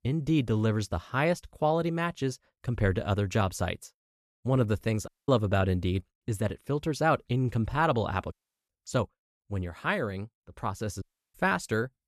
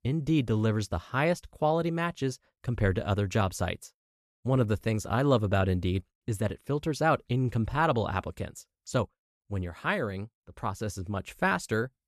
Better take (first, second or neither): second